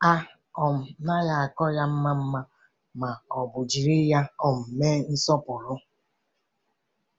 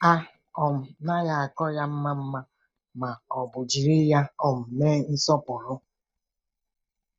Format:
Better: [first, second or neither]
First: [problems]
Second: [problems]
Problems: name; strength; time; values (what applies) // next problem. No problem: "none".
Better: first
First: none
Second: noise reduction (neural mask model DeepFilterNet 3)